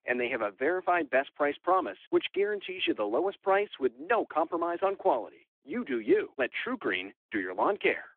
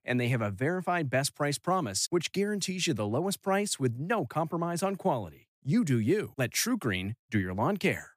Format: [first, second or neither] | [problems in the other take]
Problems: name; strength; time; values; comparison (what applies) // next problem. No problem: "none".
second | phone-call audio; nothing above 3.5 kHz